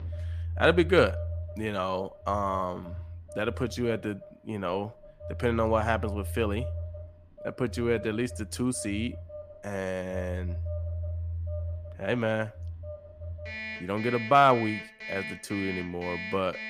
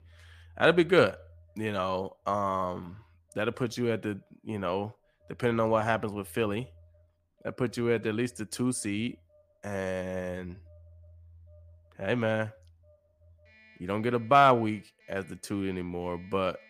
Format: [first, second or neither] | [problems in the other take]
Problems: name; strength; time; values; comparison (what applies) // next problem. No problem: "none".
second | alarms or sirens; loud; throughout; 9 dB below the speech; faint in the second